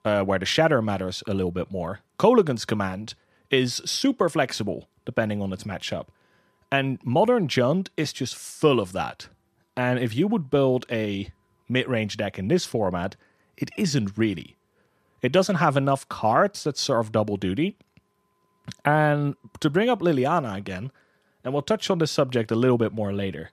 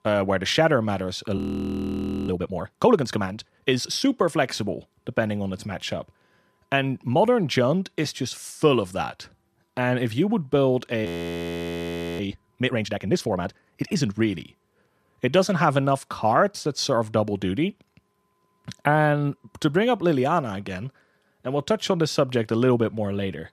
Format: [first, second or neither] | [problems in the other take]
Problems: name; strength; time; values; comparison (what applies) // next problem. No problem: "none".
first | audio freezing; at 1.5 s for 1 s and at 11 s for 1 s